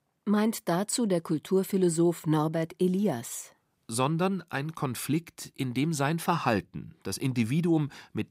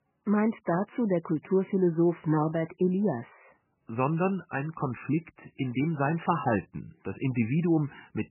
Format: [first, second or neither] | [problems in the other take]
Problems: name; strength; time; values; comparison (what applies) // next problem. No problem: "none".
first | garbled, watery; badly; nothing above 3 kHz